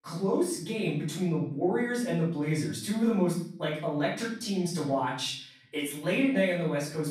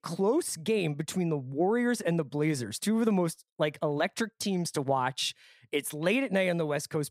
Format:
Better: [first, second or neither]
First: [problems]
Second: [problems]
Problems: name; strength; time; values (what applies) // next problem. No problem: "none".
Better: second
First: off-mic speech; far // room echo; noticeable; dies away in 0.5 s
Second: none